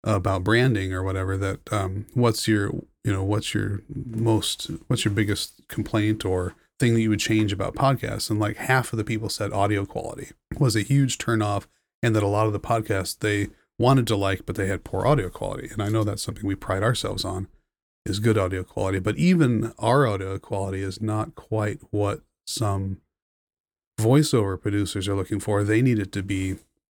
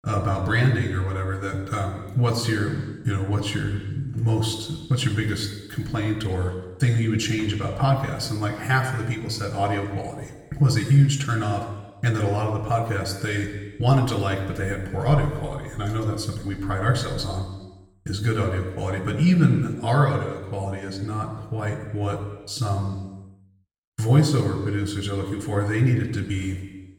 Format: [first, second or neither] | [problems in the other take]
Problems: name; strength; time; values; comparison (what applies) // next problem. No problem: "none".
first | room echo; slight; dies away in 1.1 s // off-mic speech; somewhat distant